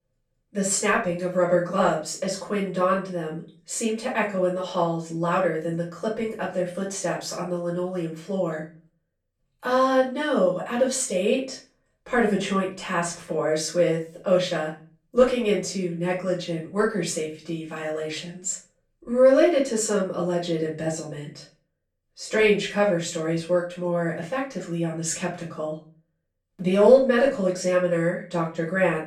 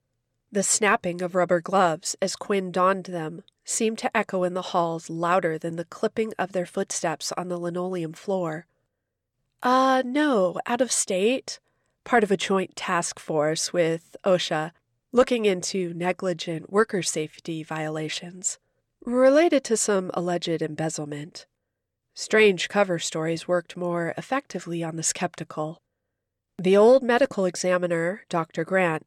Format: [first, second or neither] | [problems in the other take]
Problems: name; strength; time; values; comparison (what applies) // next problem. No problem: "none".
second | off-mic speech; far // room echo; slight; dies away in 0.3 s